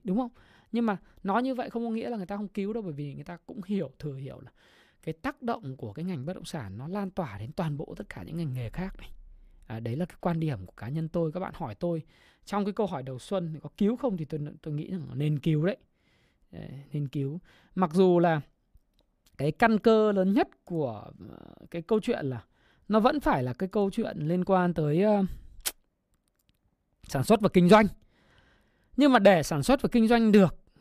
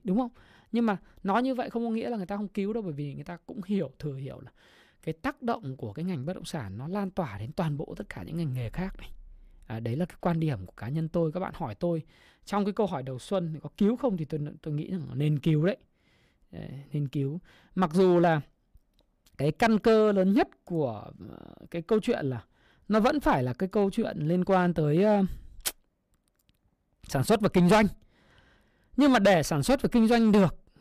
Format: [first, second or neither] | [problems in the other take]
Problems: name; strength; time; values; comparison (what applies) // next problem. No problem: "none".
first | distortion; slight; 1.9% of the sound clipped